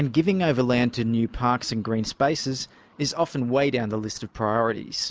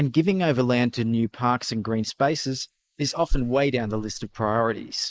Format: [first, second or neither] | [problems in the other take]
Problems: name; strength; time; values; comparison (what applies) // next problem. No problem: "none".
first | noise reduction (neural mask model Resemble Enhance denoiser)